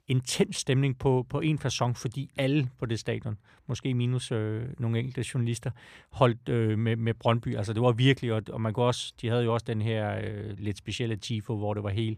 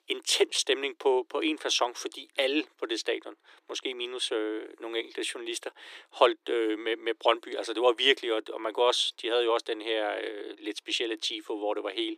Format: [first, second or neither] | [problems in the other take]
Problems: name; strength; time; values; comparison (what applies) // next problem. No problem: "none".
first | thin; very; fading below 300 Hz